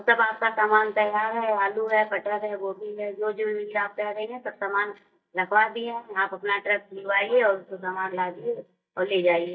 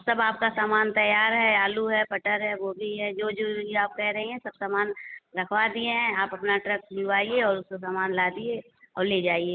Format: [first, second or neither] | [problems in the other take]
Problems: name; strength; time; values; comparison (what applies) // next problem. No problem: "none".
second | noise reduction (neural mask model DeepFilterNet 3)